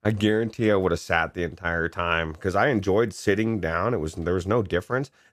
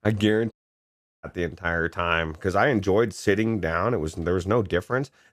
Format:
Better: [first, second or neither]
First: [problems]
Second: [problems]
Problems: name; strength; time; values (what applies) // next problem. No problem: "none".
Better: first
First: none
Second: audio cutting out; at 0.5 s for 0.5 s